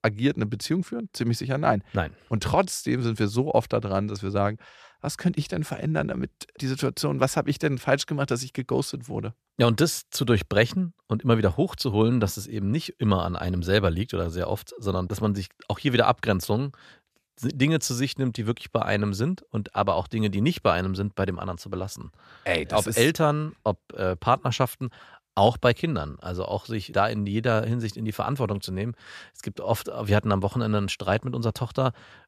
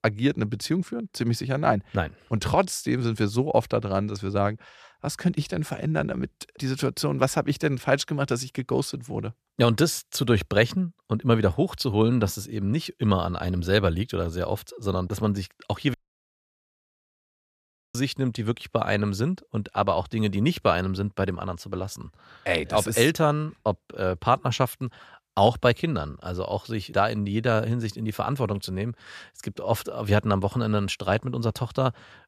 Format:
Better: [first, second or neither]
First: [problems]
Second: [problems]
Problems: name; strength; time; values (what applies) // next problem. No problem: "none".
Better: first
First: none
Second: audio cutting out; at 16 s for 2 s